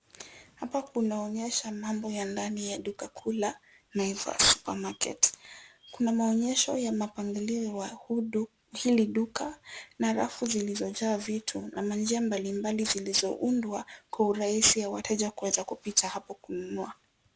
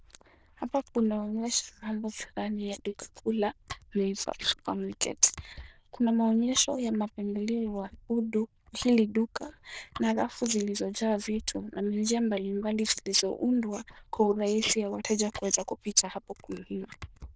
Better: first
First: none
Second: noise reduction (neural diffusion model UNIVERSE++)

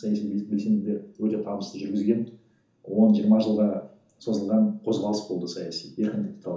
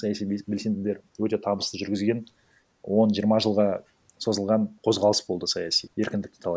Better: second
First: room echo; dies away in 0.9 s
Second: none

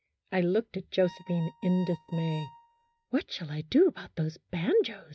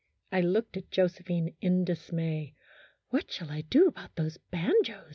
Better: second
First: noise reduction (neural mask model RNNoise)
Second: none

